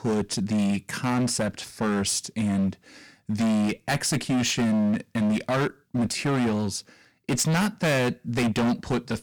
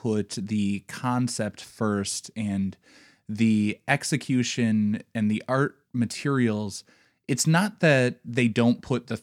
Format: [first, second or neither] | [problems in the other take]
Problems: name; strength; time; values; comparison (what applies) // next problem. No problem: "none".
second | distortion; heavy; 21% of the sound clipped